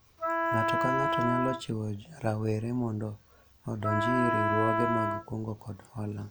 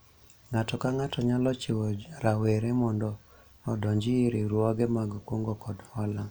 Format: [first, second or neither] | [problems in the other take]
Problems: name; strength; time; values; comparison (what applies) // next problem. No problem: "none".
second | background sound (Wind instrument, woodwind instrument); 2 dB above the speech